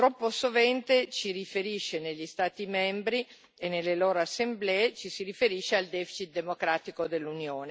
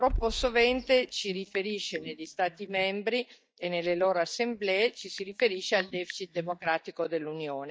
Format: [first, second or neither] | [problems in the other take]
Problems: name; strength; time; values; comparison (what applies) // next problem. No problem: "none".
first | noise reduction (neural mask model DeepFilterNet 3)